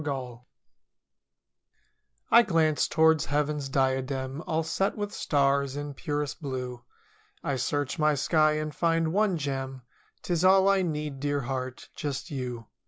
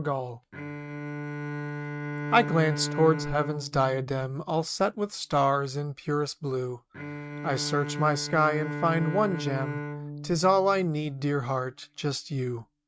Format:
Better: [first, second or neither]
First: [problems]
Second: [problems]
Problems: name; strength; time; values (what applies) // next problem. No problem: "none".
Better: first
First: none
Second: noise reduction (neural mask model RNNoise)